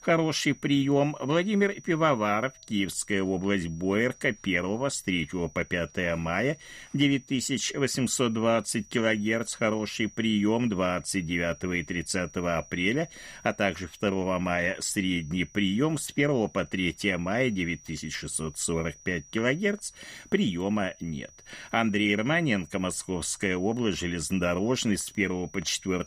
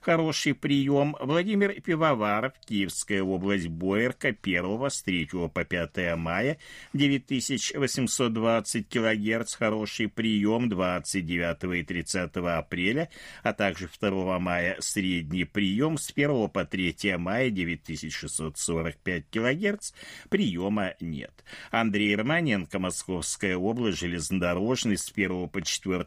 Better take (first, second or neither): second